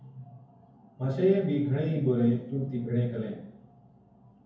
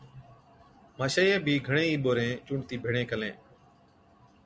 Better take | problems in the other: second | room echo; dies away in 0.9 s

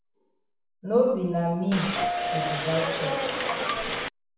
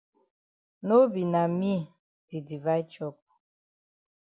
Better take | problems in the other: second | background sound (Subway, metro, underground / Doorbell); 1 dB above the speech // room echo; dies away in 0.7 s

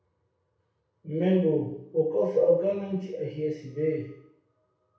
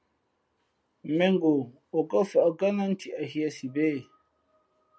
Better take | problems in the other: second | room echo; dies away in 0.6 s

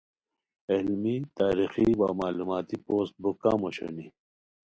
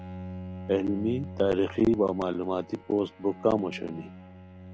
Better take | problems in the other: first | background sound (Bowed string instrument); 14 dB below the speech

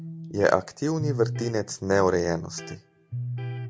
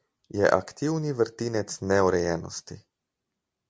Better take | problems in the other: second | background sound (Electric guitar); 8 dB below the speech

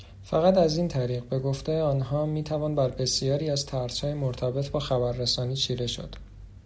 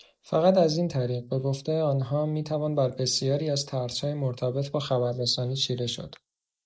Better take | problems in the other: first | noise reduction (neural mask model Resemble Enhance denoiser)

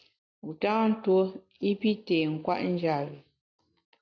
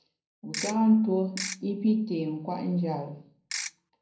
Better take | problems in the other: first | background sound (Ratchet, pawl / Percussion); 7 dB below the speech // room echo; dies away in 0.6 s

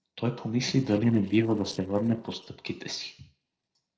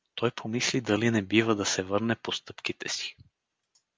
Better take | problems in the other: second | noise reduction (neural separator model SepFormer DNS4)

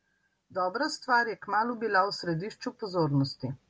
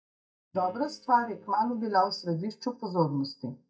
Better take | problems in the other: first | noise reduction (neural mask model DeepFilterNet 3)

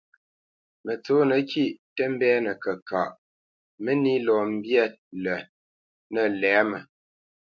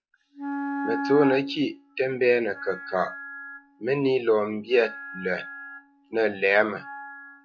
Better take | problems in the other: first | noise reduction (classical method log-MMSE)

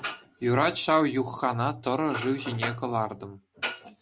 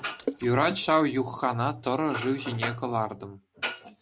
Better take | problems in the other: first | background sound (Water / Splash, splatter); 14 dB below the speech

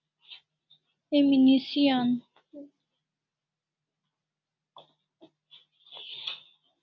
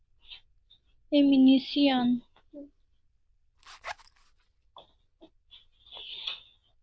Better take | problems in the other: first | noise reduction (neural diffusion model UNIVERSE++)

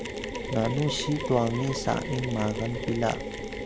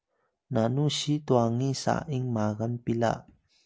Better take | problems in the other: second | background sound (Mechanisms); 5 dB below the speech

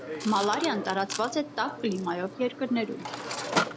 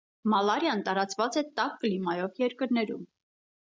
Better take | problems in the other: second | background sound (Mechanisms); 5 dB below the speech

